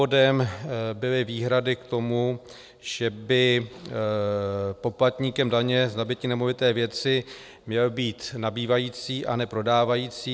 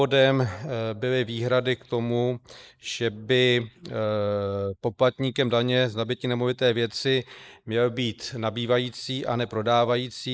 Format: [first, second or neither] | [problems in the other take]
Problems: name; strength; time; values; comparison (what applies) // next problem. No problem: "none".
first | noise reduction (neural mask model Resemble Enhance denoiser)